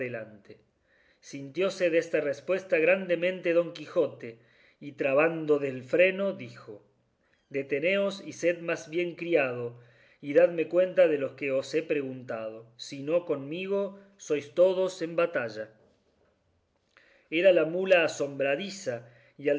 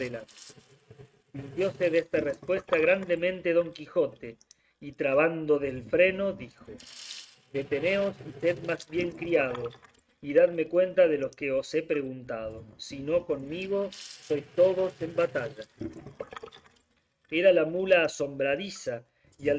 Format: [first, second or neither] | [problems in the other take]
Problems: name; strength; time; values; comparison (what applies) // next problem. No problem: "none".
first | noise reduction (neural mask model RNNoise)